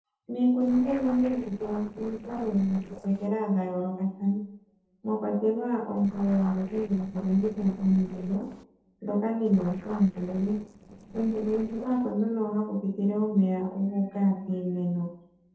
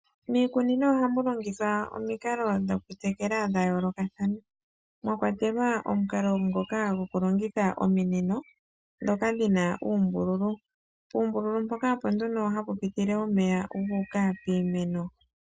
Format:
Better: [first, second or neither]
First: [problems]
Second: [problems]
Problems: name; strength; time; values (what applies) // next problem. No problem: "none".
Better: second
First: noise reduction (neural separator model SepFormer DNS4)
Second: none